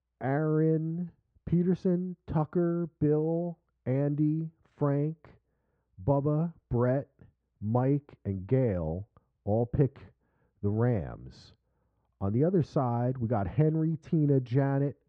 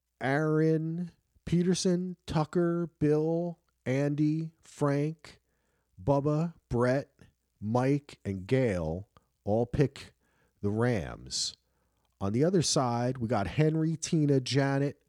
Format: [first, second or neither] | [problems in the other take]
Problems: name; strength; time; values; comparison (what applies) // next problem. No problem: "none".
second | muffled; very; fading above 1 kHz